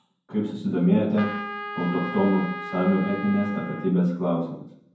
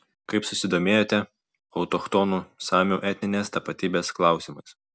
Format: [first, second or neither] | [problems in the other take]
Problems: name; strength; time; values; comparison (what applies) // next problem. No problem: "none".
second | background sound (Trumpet); 10 dB below the speech // room echo; dies away in 0.9 s